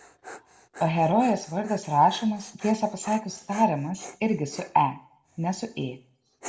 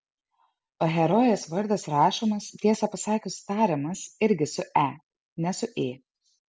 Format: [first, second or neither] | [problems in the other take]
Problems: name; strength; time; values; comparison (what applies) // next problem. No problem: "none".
second | background sound (Dog); 19 dB below the speech // room echo; dies away in 0.5 s